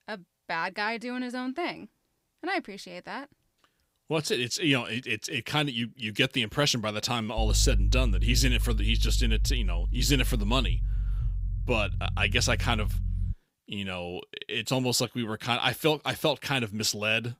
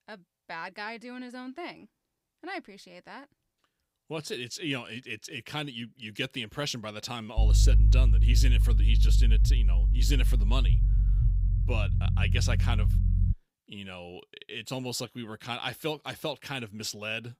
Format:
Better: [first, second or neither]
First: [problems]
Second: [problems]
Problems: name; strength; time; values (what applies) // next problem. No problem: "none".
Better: first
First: low rumble; faint; from 7.5 to 13 s; 20 dB below the speech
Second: low rumble; loud; from 7.5 to 13 s; 9 dB below the speech